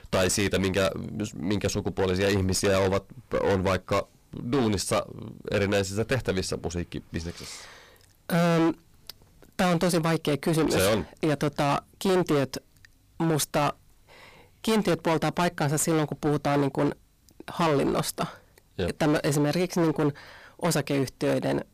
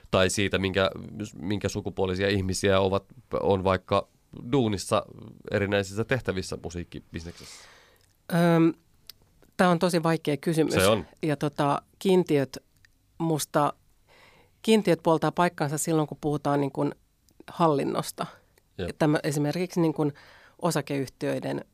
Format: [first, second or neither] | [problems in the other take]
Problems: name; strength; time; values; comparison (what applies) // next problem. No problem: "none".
second | distortion; heavy; 18% of the sound clipped